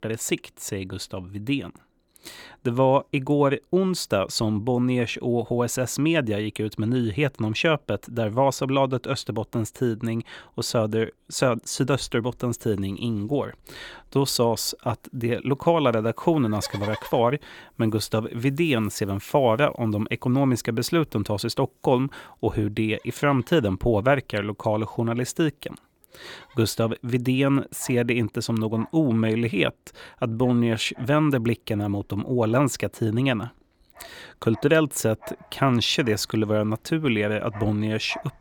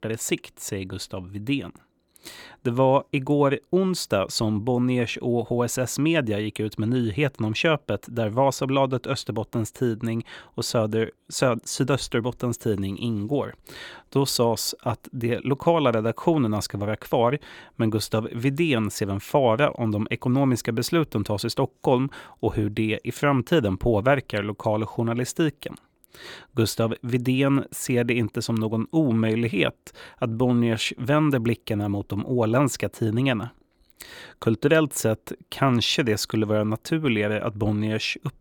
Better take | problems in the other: second | animal sounds; faint; throughout; 20 dB below the speech

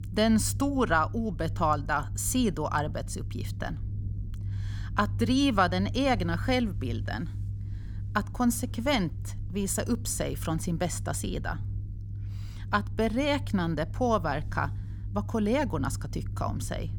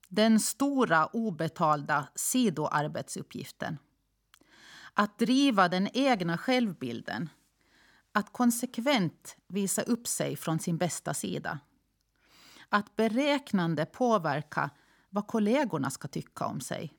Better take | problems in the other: second | low rumble; faint; throughout; 20 dB below the speech

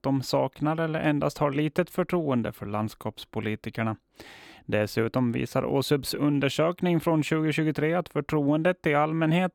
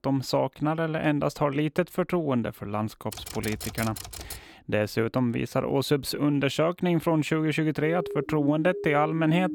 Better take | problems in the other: first | keyboard typing; noticeable; from 3 to 4.5 s; peak 9 dB below the speech // siren; noticeable; from 8 s on; peak 7 dB below the speech

